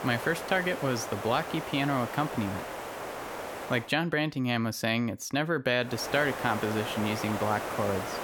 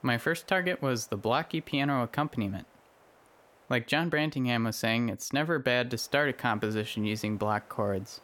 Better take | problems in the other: second | hiss; loud; until 4 s and from 6 s on; 7 dB below the speech; faint in the second

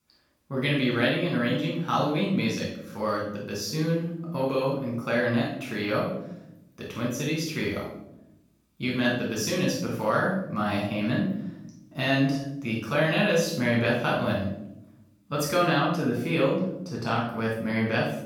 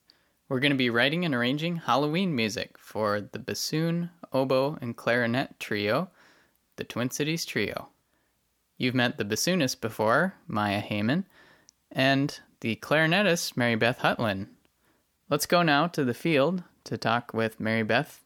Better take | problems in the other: second | off-mic speech; far // room echo; noticeable; dies away in 0.8 s

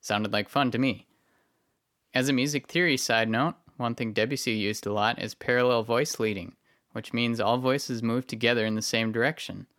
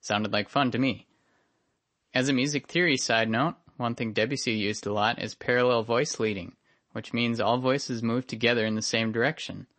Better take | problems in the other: first | garbled, watery; slightly; nothing above 8 kHz

